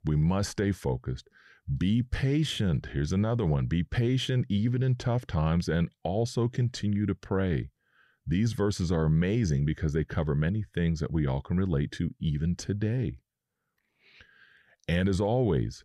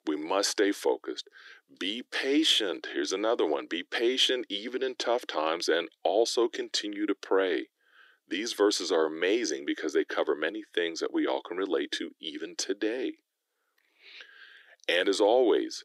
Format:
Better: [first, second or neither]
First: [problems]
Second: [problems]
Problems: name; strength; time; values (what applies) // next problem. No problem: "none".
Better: first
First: none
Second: thin; very; fading below 300 Hz